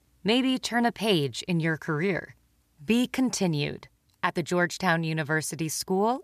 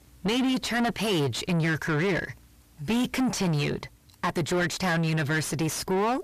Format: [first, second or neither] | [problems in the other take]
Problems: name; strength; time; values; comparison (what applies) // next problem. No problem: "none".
first | distortion; heavy; 5 dB below the speech